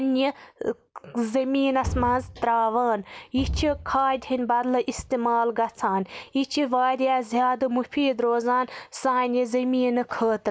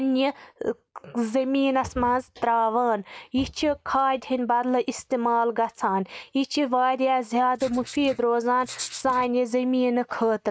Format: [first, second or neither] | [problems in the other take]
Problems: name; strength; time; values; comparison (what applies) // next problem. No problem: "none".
first | noise reduction (neural mask model RNNoise)